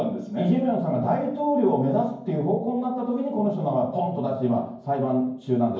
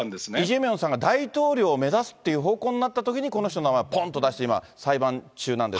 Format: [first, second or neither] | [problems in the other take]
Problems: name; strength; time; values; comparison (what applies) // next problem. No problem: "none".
second | room echo; dies away in 0.9 s